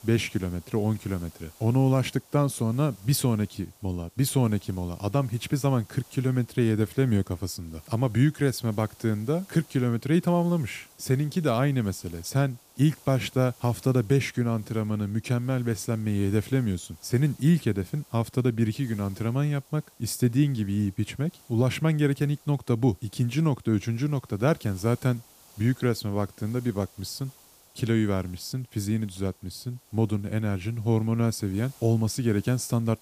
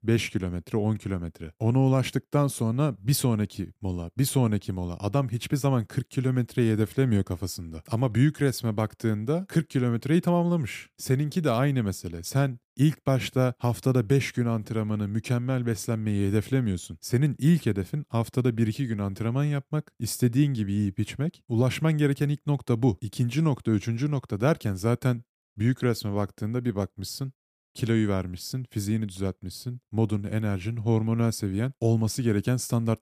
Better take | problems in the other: second | hiss; faint; throughout; 25 dB below the speech

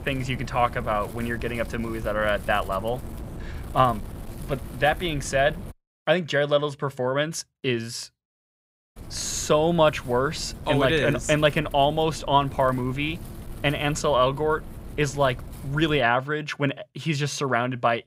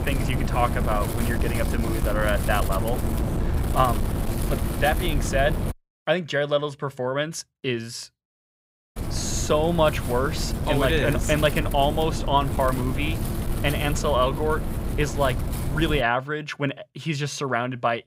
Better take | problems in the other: first | wind noise on the microphone; heavy; until 5.5 s and from 9 to 16 s; 10 dB below the speech; occasional gusts in the first

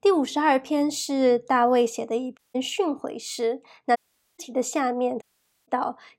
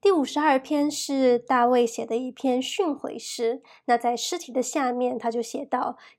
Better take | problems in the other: second | audio cutting out; at 2.5 s, at 4 s and at 5 s

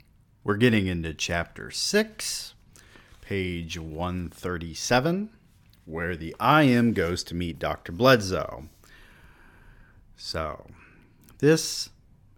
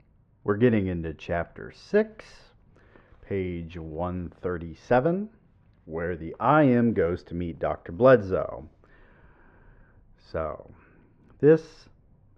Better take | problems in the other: first | muffled; very; fading above 1.5 kHz

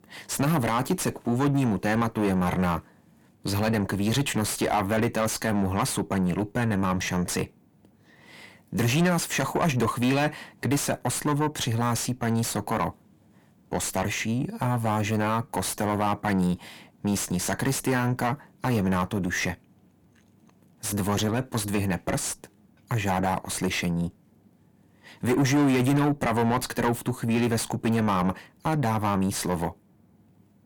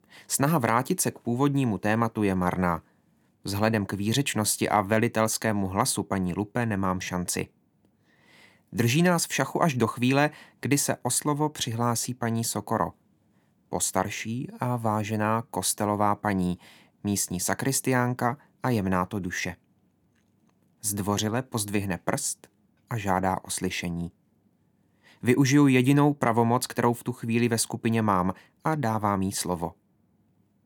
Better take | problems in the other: second | distortion; heavy; 6 dB below the speech

